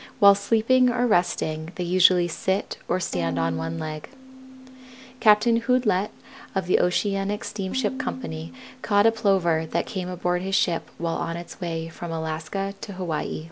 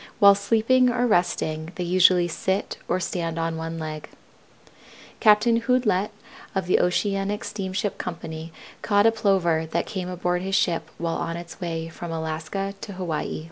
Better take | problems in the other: second | background sound (Bowed string instrument); 16 dB below the speech

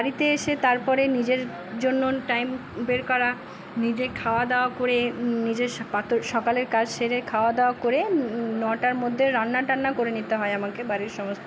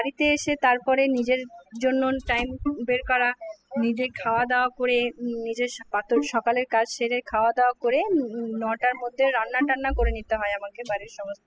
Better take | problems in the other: first | noise reduction (classical method spectral subtraction)

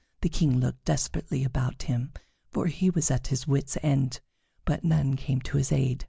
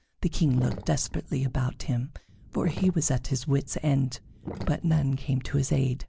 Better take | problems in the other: first | background sound (Sink (filling or washing)); 14 dB below the speech

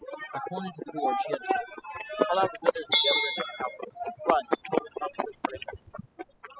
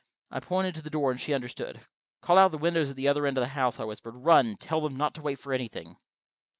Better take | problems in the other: second | noise reduction (classical method spectral subtraction)

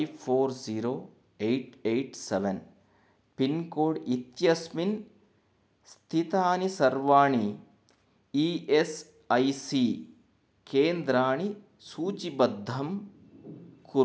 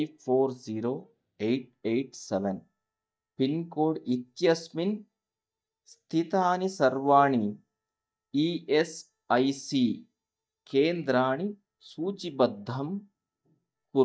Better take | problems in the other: first | noise reduction (neural mask model DeepFilterNet 3)

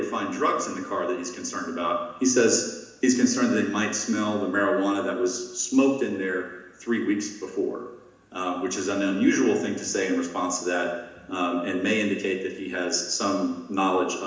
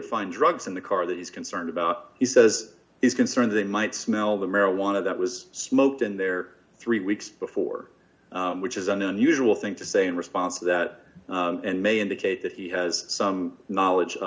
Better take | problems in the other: second | room echo; dies away in 1 s

